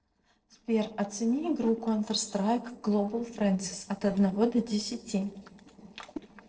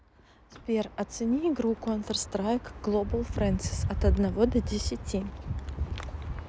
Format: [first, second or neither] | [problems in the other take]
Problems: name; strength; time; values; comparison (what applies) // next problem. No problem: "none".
second | noise reduction (neural separator model SepFormer DNS4)